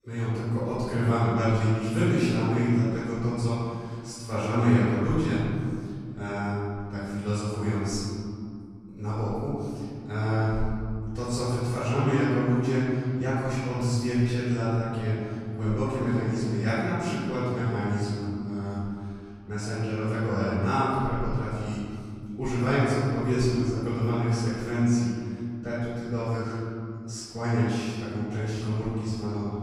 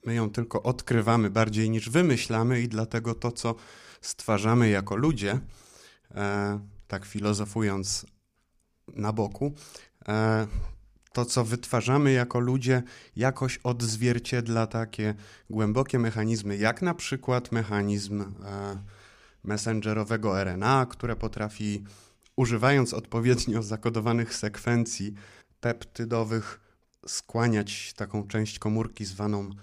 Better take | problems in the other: second | off-mic speech; far // room echo; strong; dies away in 2.6 s

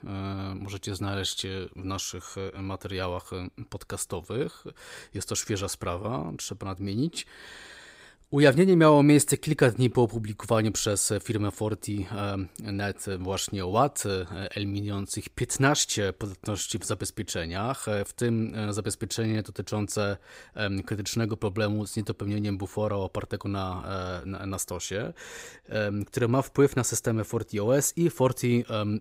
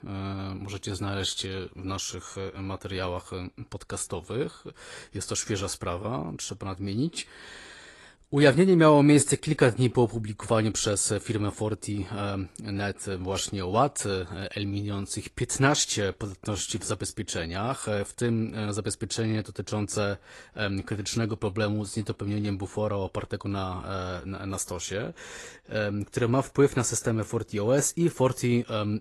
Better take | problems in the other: first | garbled, watery; slightly; nothing above 11 kHz

